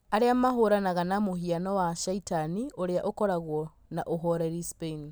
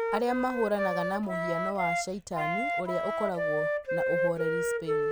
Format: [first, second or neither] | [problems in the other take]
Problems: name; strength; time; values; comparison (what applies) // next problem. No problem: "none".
first | background sound (Wind instrument, woodwind instrument); 2 dB above the speech